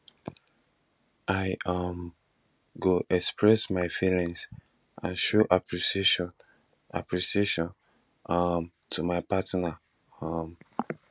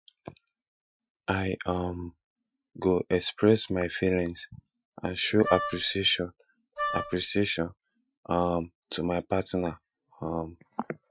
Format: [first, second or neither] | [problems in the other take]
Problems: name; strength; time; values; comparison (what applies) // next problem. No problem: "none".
first | noise reduction (classical method Wiener filter)